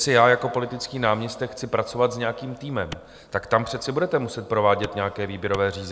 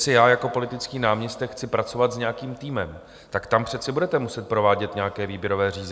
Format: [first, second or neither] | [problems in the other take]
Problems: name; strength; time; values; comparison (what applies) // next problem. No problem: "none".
second | background sound (Clapping); 15 dB below the speech